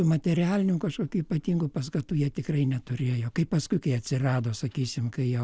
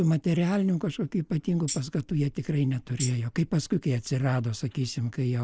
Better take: first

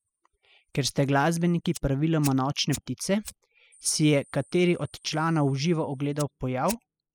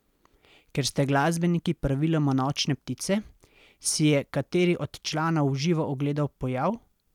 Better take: second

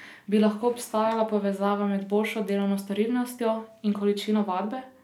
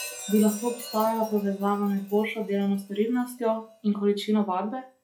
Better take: first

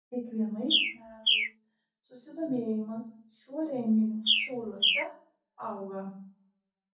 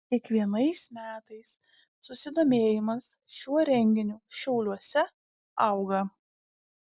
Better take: second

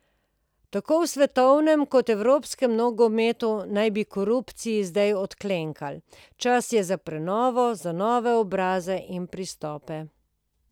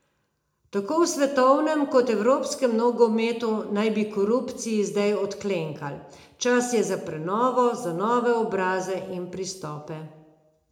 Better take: first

